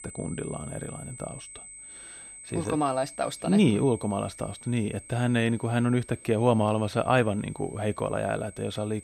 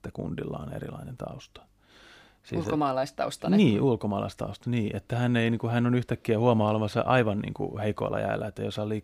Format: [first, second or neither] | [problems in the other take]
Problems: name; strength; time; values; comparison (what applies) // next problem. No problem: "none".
second | high-pitched whine; noticeable; throughout; 8.5 kHz, 15 dB below the speech